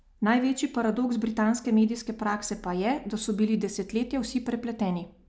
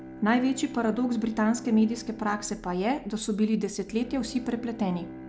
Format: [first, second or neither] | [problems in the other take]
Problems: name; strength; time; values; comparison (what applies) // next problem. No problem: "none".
first | background sound (Bowed string instrument); 16 dB below the speech